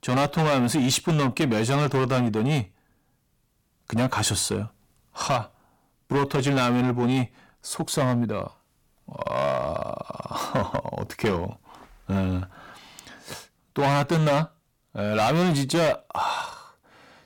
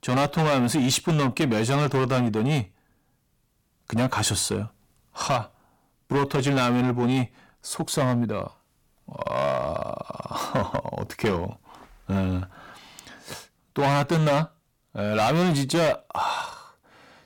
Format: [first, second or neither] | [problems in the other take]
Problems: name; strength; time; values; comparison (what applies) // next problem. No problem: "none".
neither | distortion; heavy; 11% of the sound clipped; the same in both